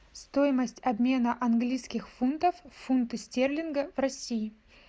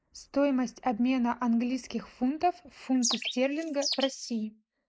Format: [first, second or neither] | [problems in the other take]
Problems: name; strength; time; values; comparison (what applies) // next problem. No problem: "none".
first | noise reduction (neural mask model Resemble Enhance denoiser)